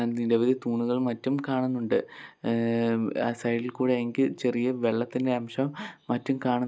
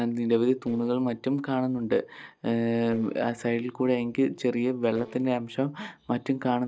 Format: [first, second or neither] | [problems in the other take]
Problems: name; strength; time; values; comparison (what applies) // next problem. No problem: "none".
first | noise reduction (neural separator model SepFormer DNS4)